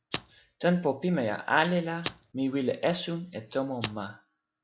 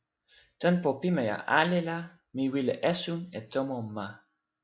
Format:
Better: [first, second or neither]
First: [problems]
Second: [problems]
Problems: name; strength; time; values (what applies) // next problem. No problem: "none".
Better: second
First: background sound (Rattle (instrument)); 8 dB below the speech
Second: none